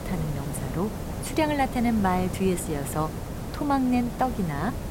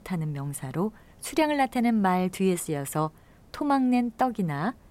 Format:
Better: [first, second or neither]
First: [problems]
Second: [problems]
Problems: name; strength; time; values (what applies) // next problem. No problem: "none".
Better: second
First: hiss; loud; throughout; 7 dB below the speech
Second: hiss; faint; throughout; 30 dB below the speech